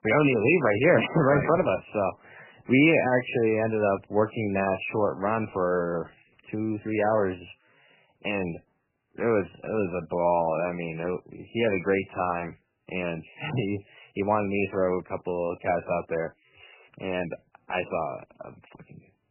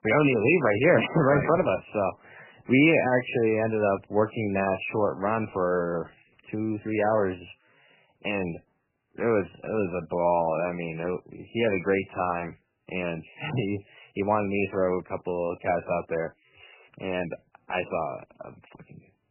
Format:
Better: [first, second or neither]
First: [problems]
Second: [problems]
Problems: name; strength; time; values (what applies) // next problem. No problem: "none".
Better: neither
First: garbled, watery; badly; nothing above 3 kHz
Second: garbled, watery; badly; nothing above 3 kHz